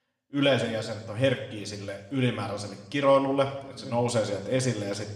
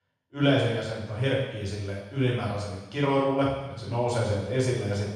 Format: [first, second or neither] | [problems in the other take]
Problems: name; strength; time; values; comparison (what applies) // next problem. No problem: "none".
first | room echo; strong; dies away in 1.1 s; slight in the first // off-mic speech; far; somewhat distant in the first